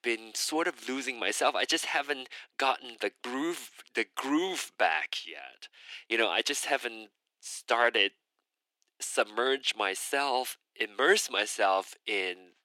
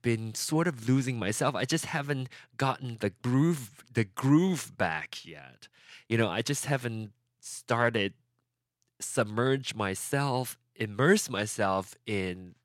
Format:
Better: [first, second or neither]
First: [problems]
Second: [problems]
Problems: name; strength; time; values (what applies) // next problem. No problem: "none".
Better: second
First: thin; very; fading below 300 Hz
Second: none